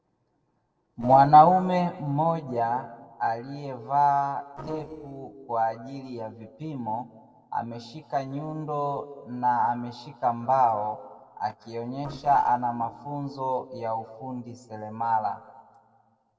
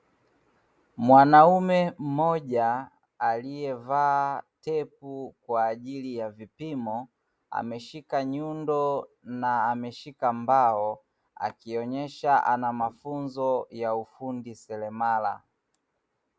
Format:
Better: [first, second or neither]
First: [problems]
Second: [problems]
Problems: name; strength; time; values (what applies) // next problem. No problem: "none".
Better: second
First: noise reduction (neural separator model SepFormer DNS4)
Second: none